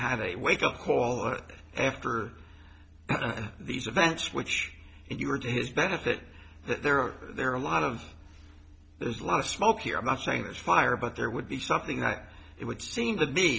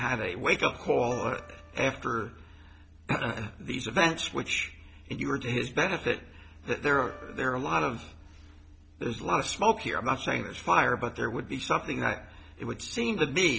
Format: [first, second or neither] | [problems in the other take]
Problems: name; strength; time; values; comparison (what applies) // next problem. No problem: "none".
first | background sound (Piano); 19 dB below the speech